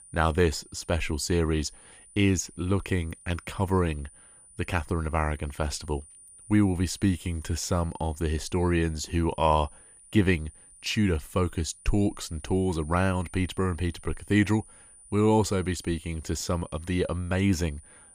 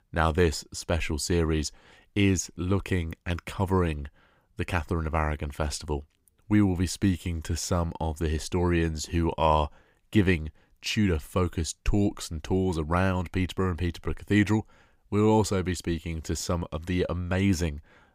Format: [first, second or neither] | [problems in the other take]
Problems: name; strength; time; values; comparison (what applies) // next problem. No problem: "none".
second | high-pitched whine; faint; throughout; 9.5 kHz, 20 dB below the speech